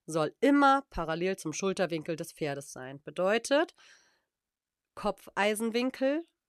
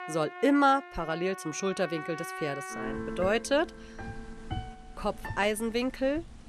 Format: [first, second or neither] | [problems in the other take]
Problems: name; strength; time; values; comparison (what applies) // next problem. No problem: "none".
first | background music; noticeable; throughout; 10 dB below the speech